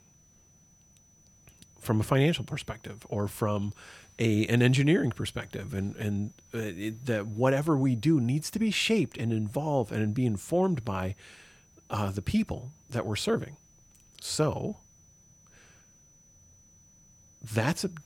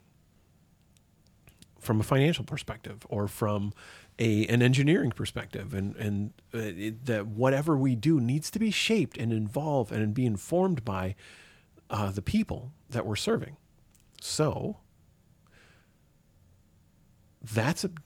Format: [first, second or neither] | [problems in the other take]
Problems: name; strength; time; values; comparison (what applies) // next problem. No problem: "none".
second | high-pitched whine; faint; throughout; 6 kHz, 30 dB below the speech